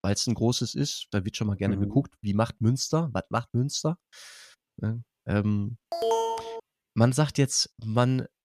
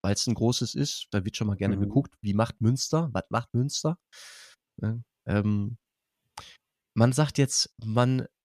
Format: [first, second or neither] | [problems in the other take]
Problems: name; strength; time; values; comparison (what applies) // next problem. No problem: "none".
second | alarm; loud; at 6 s; peak 1 dB above the speech